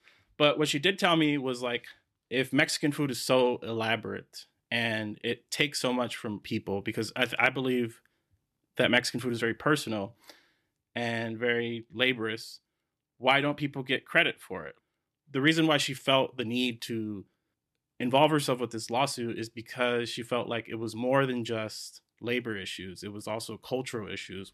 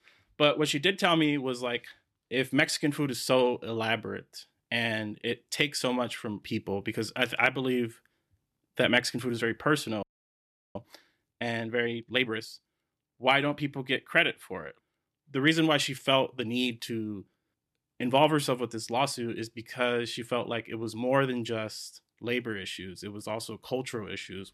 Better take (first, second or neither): first